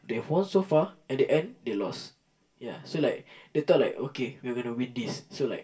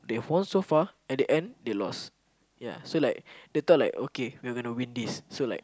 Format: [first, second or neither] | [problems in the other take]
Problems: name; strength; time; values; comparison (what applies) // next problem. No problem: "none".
second | room echo; dies away in 0.2 s